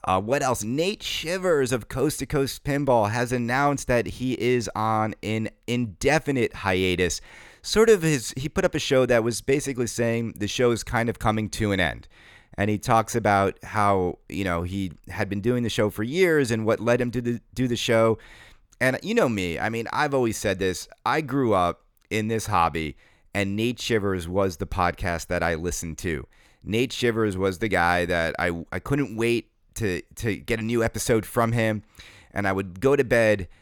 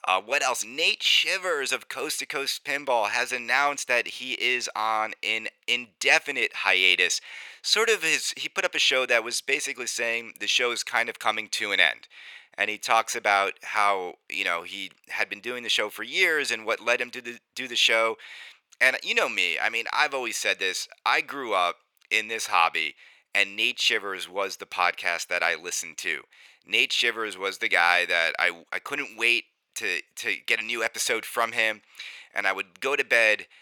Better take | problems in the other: first | thin; very; fading below 600 Hz

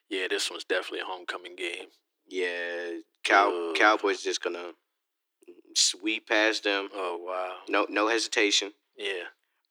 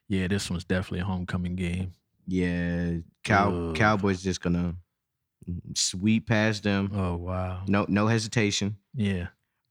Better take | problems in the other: second | thin; very; fading below 300 Hz

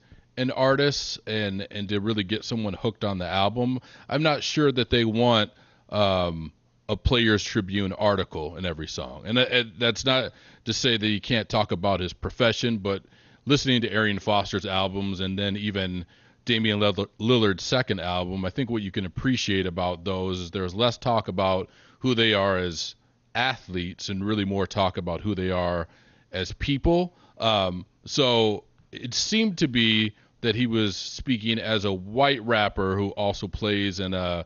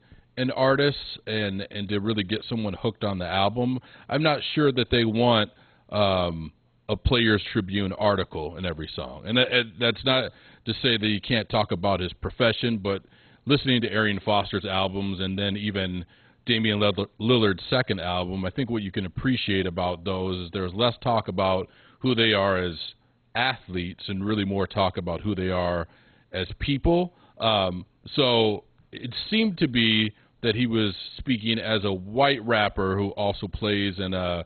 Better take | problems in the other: first | garbled, watery; badly; nothing above 4 kHz; slightly in the first

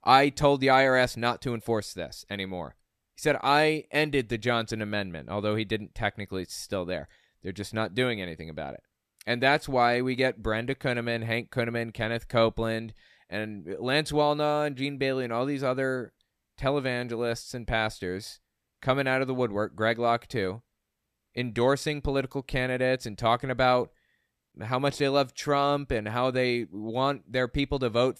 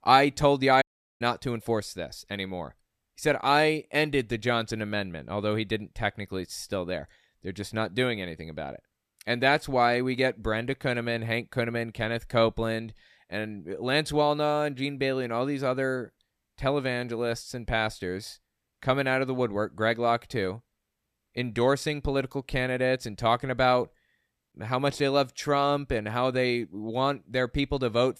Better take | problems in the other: first | audio cutting out; at 1 s

